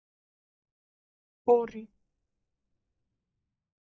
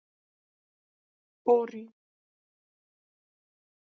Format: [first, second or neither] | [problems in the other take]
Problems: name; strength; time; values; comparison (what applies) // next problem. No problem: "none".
second | noise reduction (neural mask model DeepFilterNet 3)